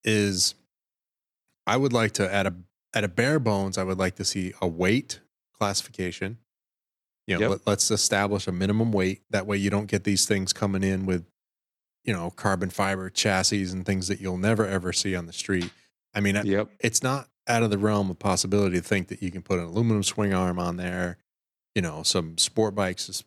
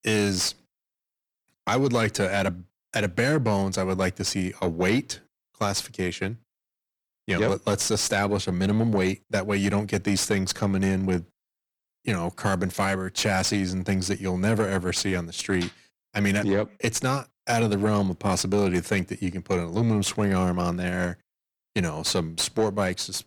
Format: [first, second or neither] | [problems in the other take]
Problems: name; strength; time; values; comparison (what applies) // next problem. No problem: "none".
first | distortion; slight; 10 dB below the speech